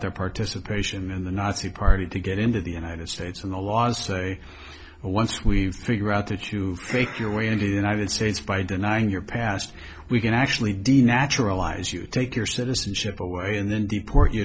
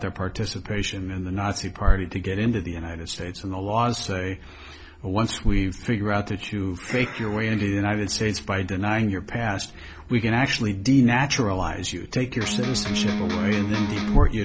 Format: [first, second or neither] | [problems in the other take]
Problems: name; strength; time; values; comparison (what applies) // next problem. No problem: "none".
first | background sound (Electric guitar); 2 dB below the speech